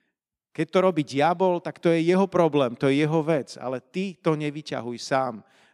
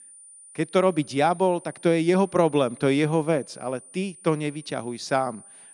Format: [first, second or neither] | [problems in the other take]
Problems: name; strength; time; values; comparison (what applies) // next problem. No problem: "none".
first | high-pitched whine; faint; throughout; 9.5 kHz, 20 dB below the speech